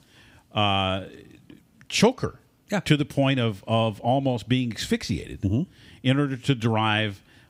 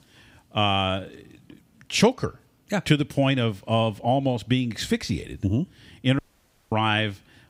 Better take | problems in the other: first | audio cutting out; at 6 s for 0.5 s

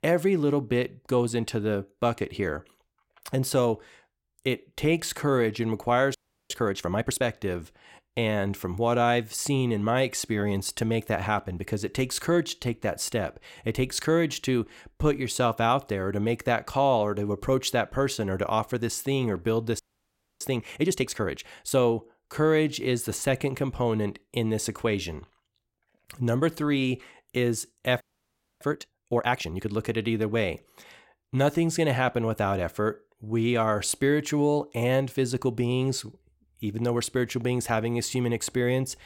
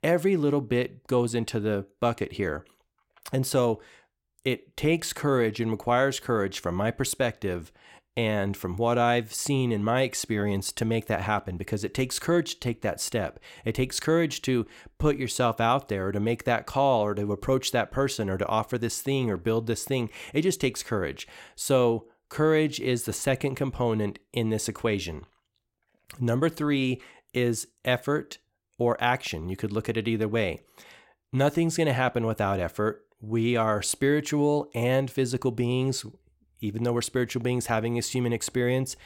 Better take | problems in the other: second | audio freezing; at 6 s, at 20 s for 0.5 s and at 28 s for 0.5 s

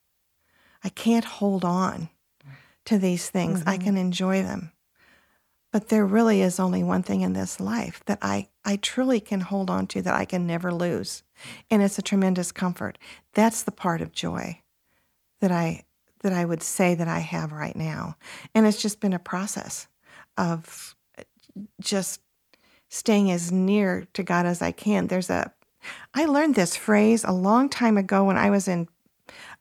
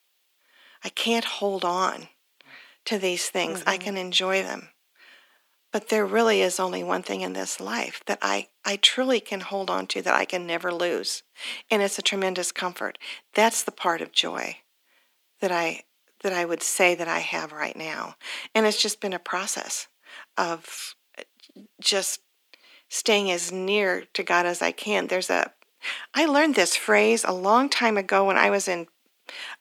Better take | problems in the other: first | thin; somewhat; fading below 300 Hz

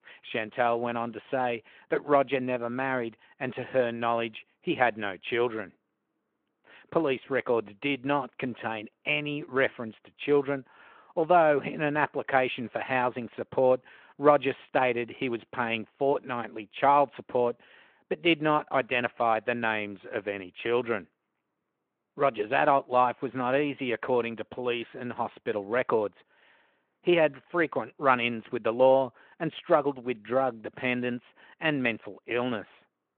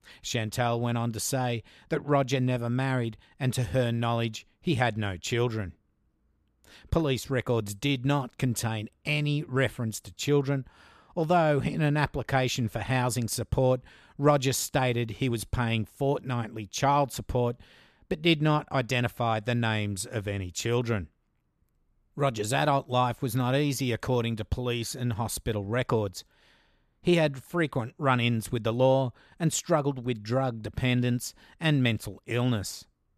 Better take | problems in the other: second | phone-call audio

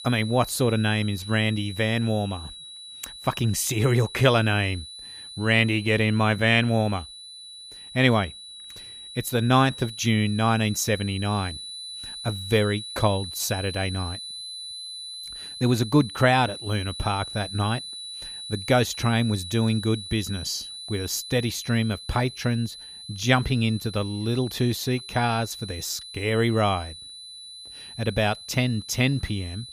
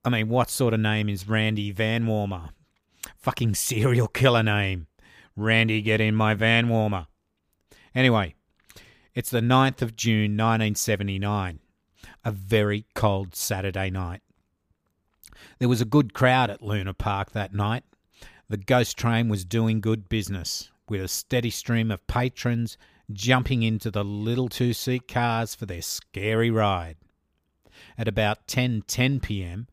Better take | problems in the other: second | high-pitched whine; noticeable; throughout; 4 kHz, 10 dB below the speech

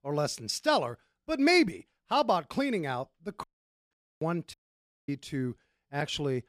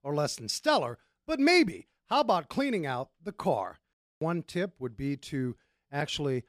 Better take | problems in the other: second | audio cutting out; at 3.5 s and at 4.5 s for 0.5 s

